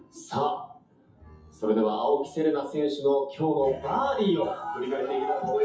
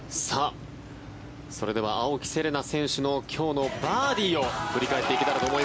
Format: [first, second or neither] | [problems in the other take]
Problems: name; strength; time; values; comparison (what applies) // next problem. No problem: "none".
second | noise reduction (classical method WPE with log-MMSE)